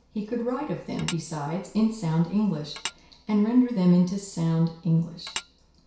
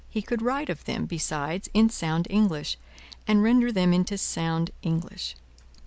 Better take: second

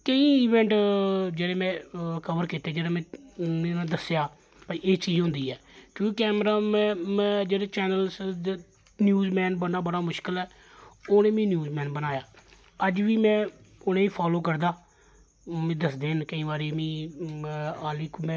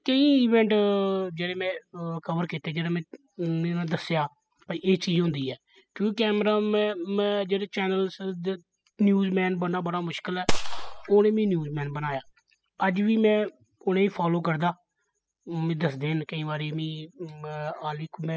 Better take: first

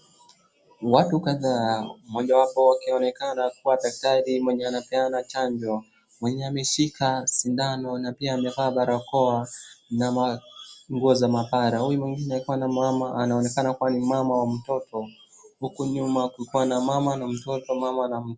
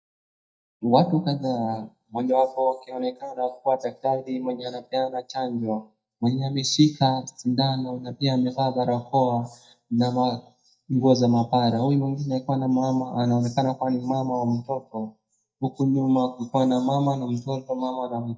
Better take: first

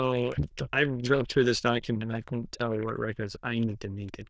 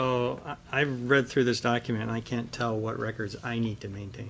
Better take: second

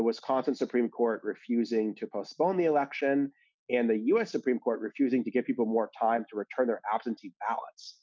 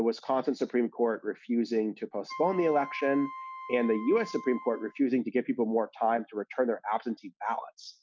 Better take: first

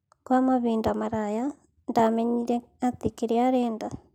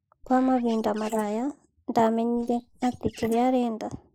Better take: first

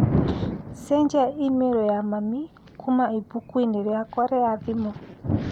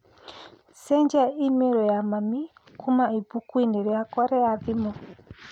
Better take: second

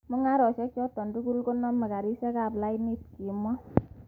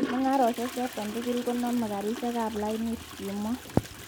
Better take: first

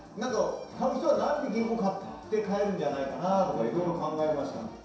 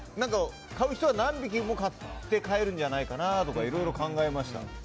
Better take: second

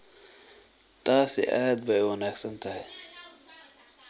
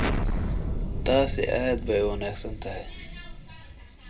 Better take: first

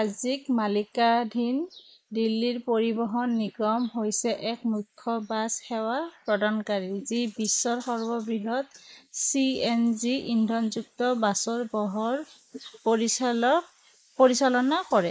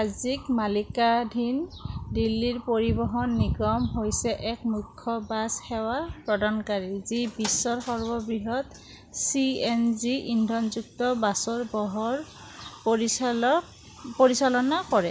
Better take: second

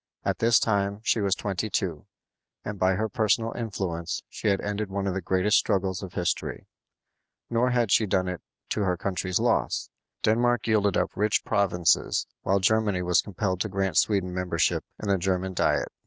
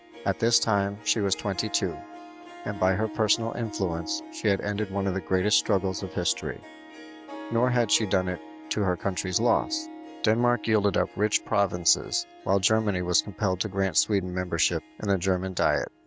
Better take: first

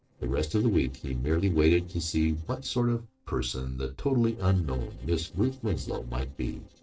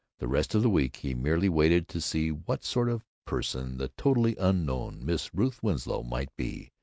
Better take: second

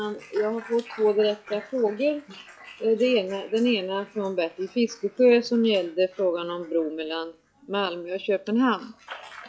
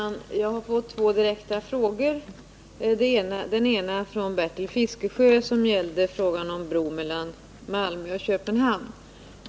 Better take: second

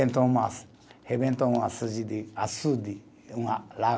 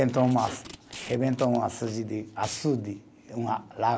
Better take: first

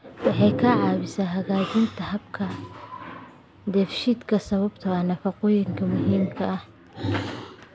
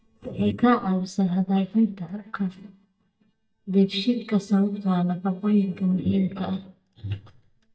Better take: first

